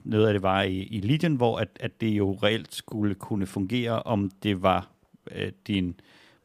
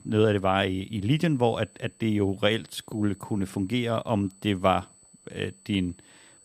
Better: first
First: none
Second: high-pitched whine; faint; throughout; 8 kHz, 30 dB below the speech

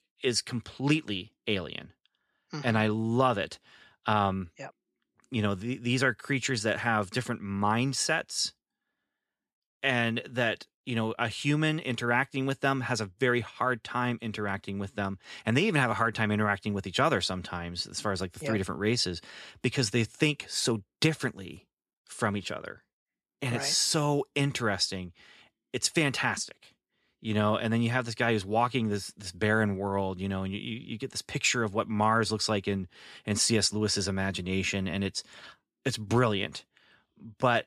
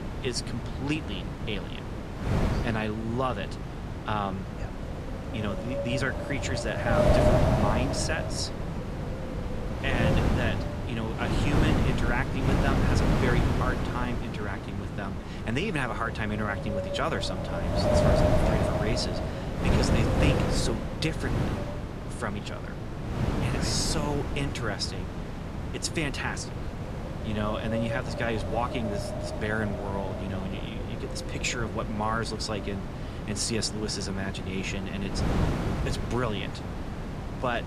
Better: first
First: none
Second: wind noise on the microphone; heavy; 1 dB below the speech

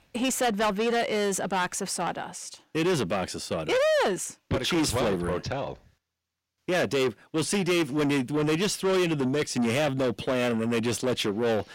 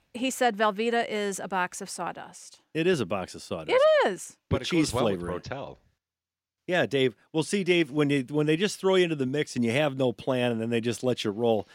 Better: second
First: distortion; heavy; 7 dB below the speech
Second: none

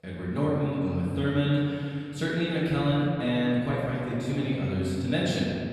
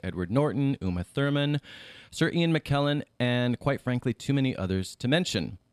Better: second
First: off-mic speech; far // room echo; strong; dies away in 2.6 s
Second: none

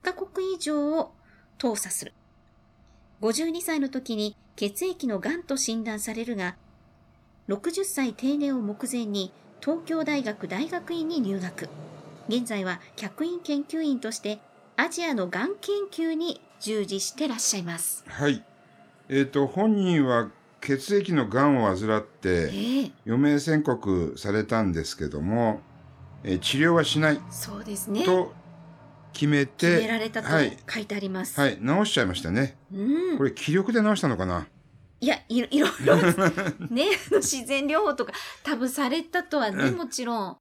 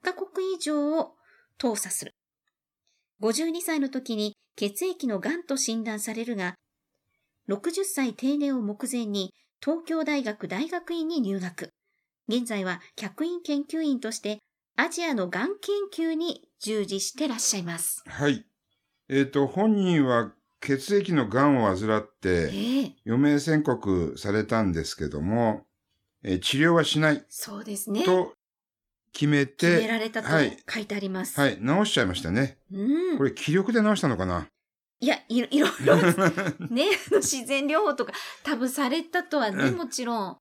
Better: second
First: traffic noise; faint; throughout; 25 dB below the speech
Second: none

